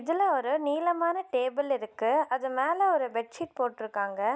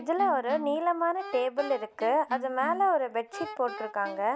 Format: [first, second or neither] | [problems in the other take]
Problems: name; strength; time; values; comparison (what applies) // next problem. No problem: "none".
first | background sound (Wind instrument, woodwind instrument); 14 dB below the speech